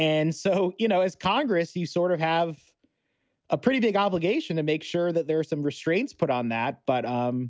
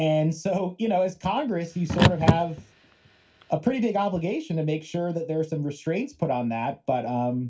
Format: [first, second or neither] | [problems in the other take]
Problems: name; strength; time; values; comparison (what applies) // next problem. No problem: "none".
first | background sound (Car); as loud as the speech // room echo; dies away in 0.2 s